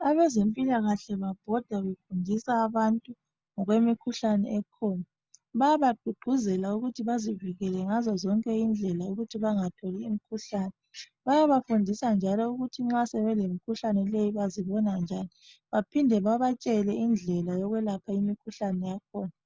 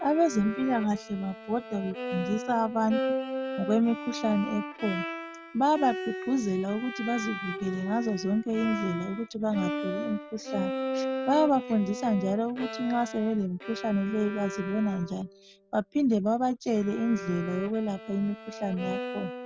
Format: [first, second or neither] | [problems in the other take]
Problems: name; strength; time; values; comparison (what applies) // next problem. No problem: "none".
first | background sound (Bowed string instrument); 8 dB below the speech